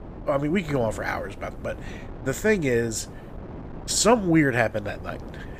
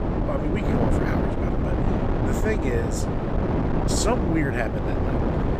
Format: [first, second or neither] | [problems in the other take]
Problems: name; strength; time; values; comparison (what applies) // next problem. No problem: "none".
first | wind noise on the microphone; heavy; 1 dB above the speech; occasional gusts in the first